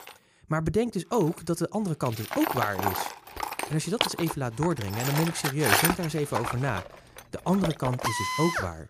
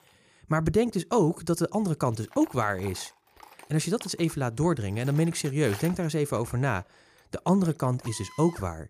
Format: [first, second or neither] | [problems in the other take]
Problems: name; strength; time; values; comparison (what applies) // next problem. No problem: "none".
second | machinery noise; loud; throughout; 1 dB below the speech; faint in the second